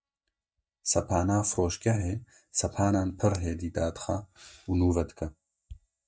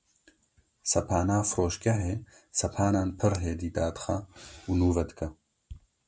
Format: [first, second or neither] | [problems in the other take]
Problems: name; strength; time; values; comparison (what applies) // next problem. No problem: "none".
second | noise reduction (neural mask model DeepFilterNet 3)